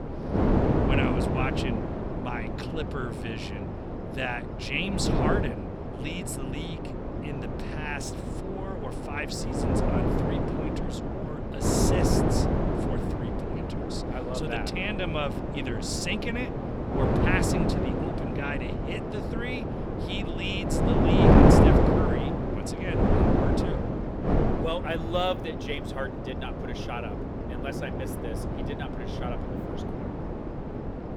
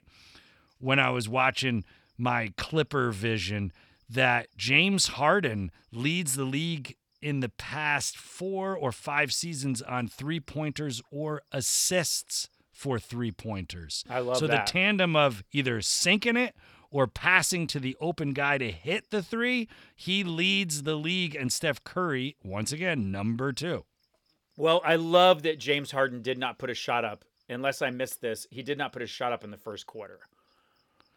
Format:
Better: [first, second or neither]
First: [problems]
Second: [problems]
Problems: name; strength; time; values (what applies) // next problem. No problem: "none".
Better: second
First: wind noise on the microphone; heavy; 3 dB above the speech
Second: none